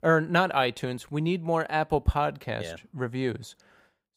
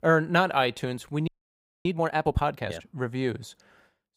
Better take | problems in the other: first | audio freezing; at 1.5 s for 0.5 s

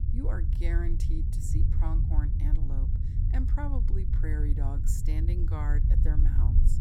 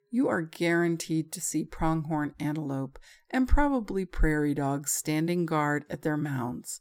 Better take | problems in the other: second | low rumble; loud; throughout; 2 dB below the speech

